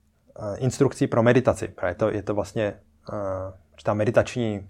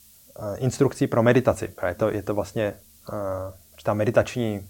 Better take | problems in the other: first | hiss; faint; throughout; 25 dB below the speech

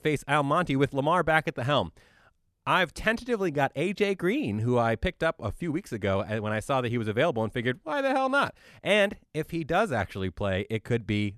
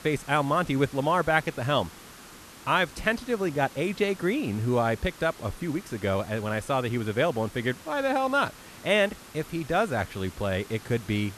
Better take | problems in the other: first | hiss; noticeable; throughout; 20 dB below the speech

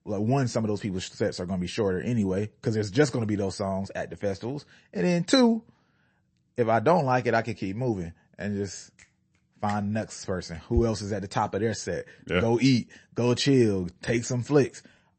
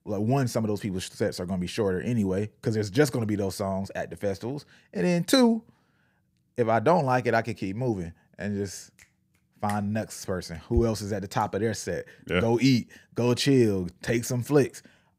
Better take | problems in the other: second | garbled, watery; slightly; nothing above 8 kHz

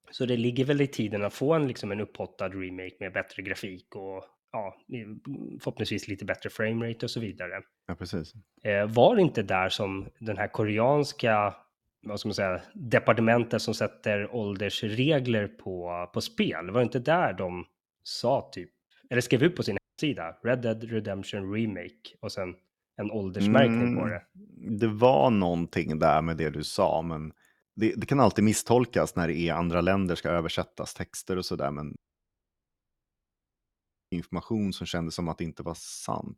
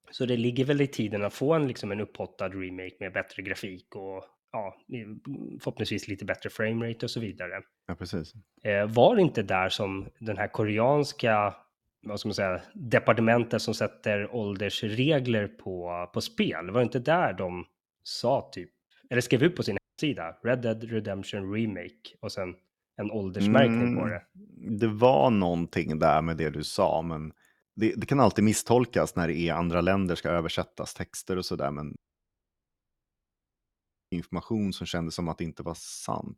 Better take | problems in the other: neither | audio cutting out; at 20 s and at 32 s for 2 s; the same in both

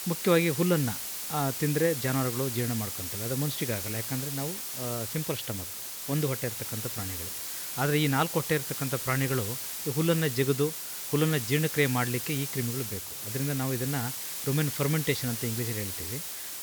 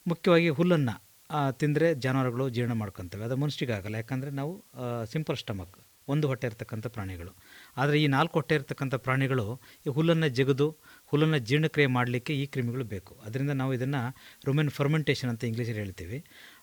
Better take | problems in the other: second | hiss; loud; throughout; 3 dB below the speech; faint in the second

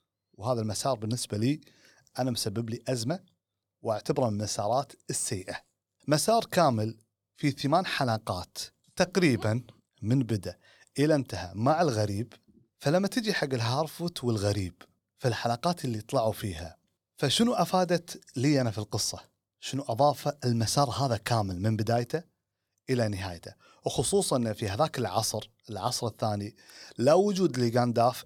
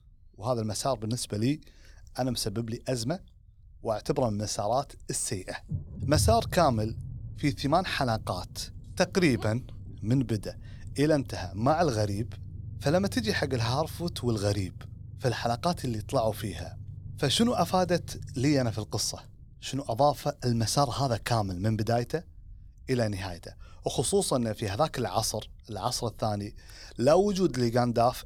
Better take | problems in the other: first | low rumble; faint; throughout; 25 dB below the speech

